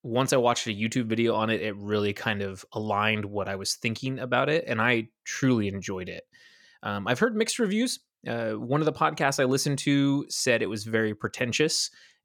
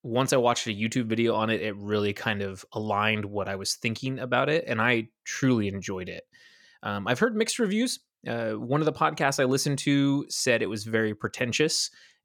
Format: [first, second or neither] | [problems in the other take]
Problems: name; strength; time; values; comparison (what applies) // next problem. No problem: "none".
neither | none